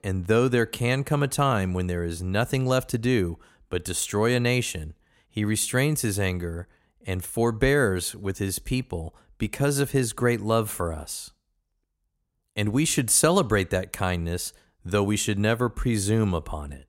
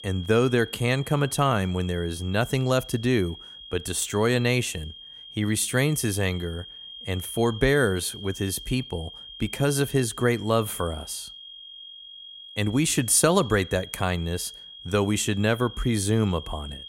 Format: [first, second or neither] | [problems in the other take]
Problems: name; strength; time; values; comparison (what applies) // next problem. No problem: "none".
first | high-pitched whine; noticeable; throughout; 3 kHz, 15 dB below the speech